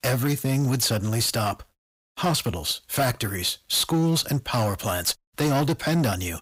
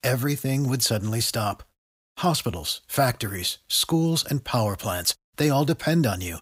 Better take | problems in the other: second | distortion; slight; 11% of the sound clipped

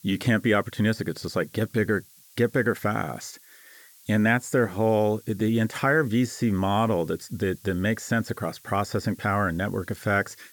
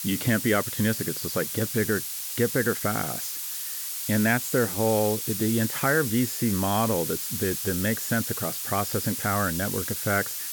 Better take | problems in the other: first | hiss; loud; throughout; 3 dB below the speech; faint in the first

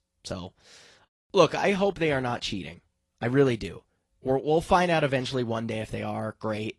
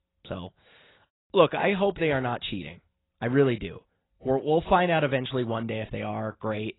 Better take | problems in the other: first | garbled, watery; badly; nothing above 4 kHz; slightly in the first

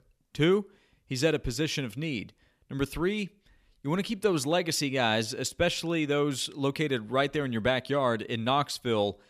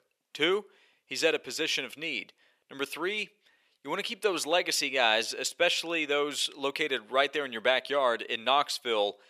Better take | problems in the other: first | thin; somewhat; fading below 550 Hz

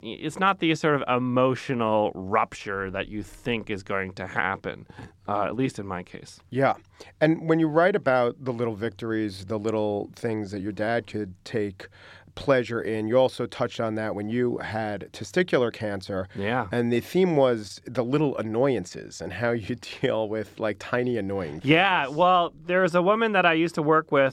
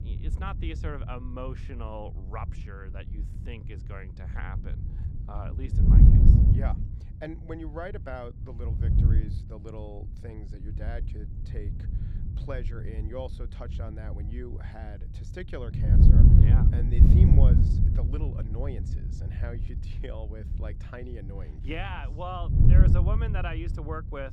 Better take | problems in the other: first | wind noise on the microphone; heavy; 2 dB above the speech

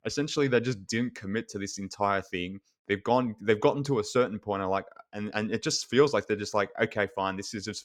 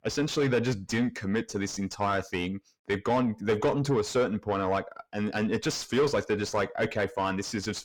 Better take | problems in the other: first | distortion; heavy; 7 dB below the speech

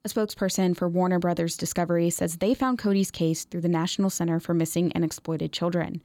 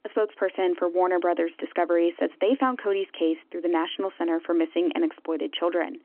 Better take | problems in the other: first | phone-call audio; nothing above 3 kHz

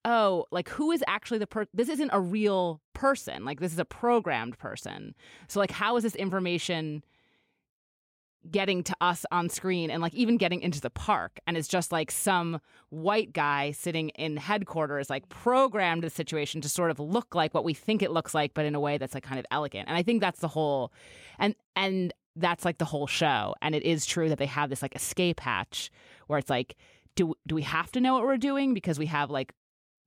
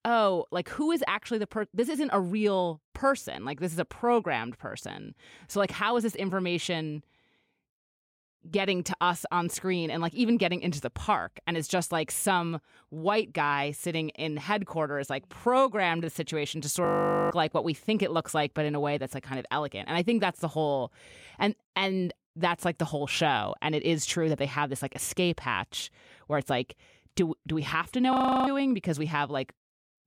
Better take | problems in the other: first | audio freezing; at 17 s and at 28 s

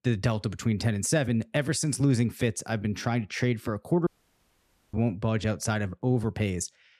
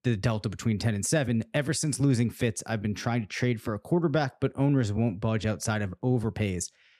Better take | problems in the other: second | audio cutting out; at 4 s for 1 s

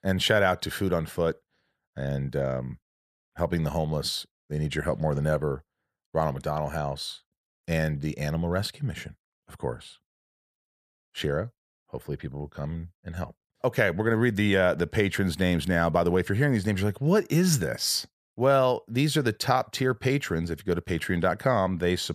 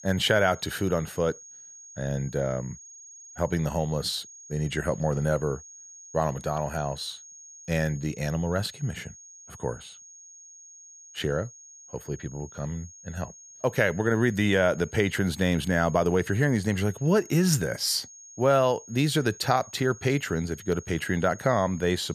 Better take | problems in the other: first | high-pitched whine; noticeable; throughout; 6.5 kHz, 20 dB below the speech

